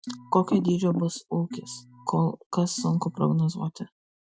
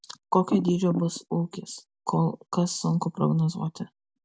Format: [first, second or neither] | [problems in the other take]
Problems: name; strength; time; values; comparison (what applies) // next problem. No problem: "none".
second | noise reduction (classical method Wiener filter)